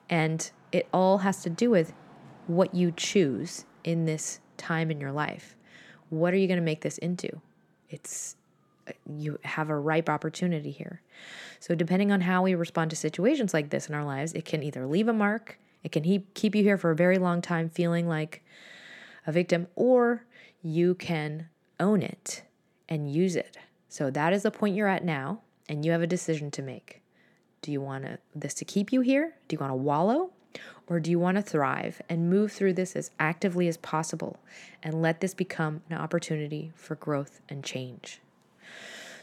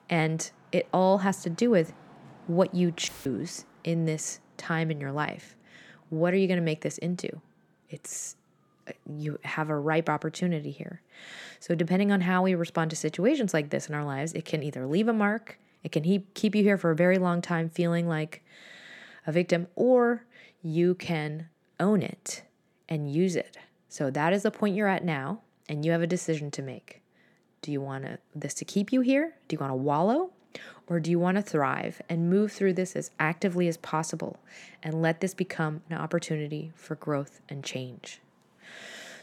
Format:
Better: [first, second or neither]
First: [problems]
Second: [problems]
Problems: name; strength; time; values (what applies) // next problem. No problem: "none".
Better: first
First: none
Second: audio cutting out; filled with static; at 3 s